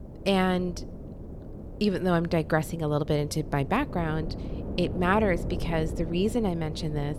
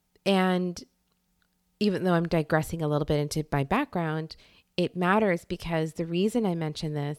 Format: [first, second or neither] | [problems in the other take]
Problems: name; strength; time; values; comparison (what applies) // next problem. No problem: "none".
second | wind noise on the microphone; occasional gusts; 15 dB below the speech